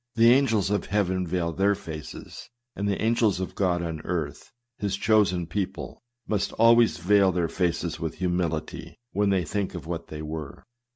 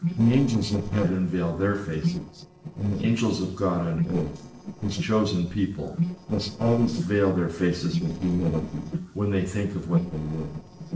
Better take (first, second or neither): first